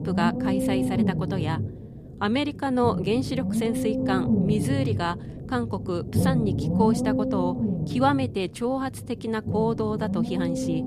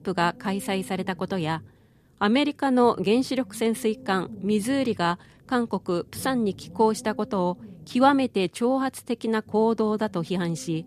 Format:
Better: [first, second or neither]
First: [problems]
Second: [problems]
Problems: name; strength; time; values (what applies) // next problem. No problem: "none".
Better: second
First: low rumble; loud; throughout; 4 dB below the speech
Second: low rumble; faint; throughout; 25 dB below the speech